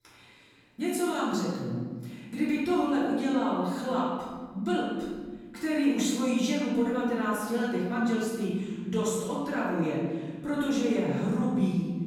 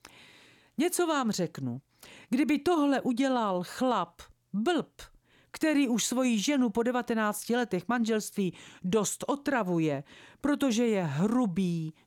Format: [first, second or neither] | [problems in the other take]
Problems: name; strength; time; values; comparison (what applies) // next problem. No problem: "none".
second | off-mic speech; far // room echo; strong; dies away in 1.4 s